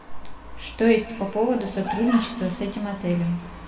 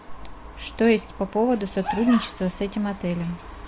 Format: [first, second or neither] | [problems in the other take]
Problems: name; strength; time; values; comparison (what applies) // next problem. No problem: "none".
second | room echo; dies away in 1.8 s